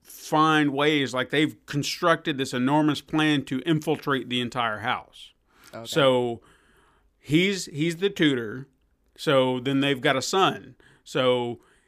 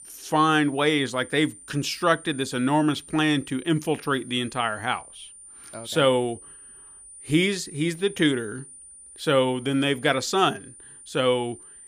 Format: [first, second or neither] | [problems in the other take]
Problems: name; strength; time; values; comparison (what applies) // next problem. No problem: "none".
first | high-pitched whine; noticeable; throughout; 9.5 kHz, 20 dB below the speech